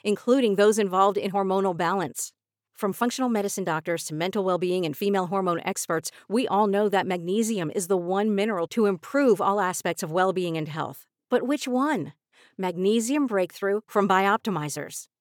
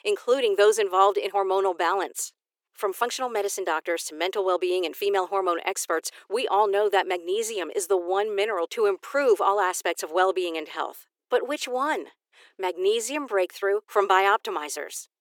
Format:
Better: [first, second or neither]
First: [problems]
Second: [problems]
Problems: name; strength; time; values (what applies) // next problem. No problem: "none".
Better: first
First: none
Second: thin; very; fading below 350 Hz